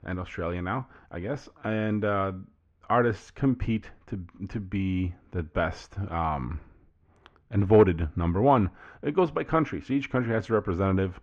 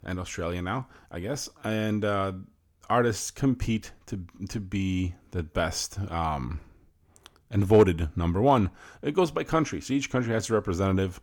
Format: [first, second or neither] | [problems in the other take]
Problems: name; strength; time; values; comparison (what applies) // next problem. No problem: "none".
second | muffled; very; fading above 2 kHz